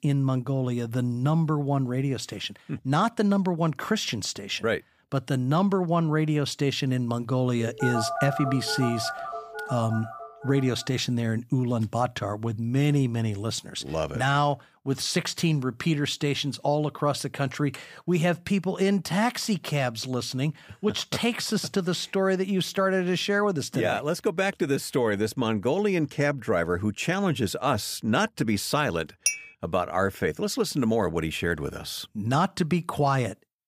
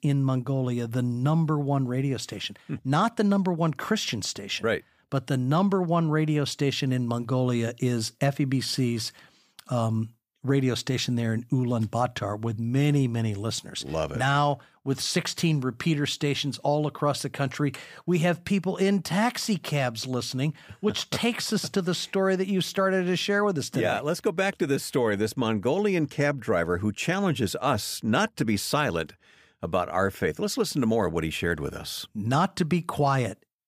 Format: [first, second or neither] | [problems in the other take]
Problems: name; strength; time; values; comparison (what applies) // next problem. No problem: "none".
second | phone ringing; noticeable; from 7.5 to 11 s; peak 2 dB below the speech // clattering dishes; noticeable; at 29 s; peak level with the speech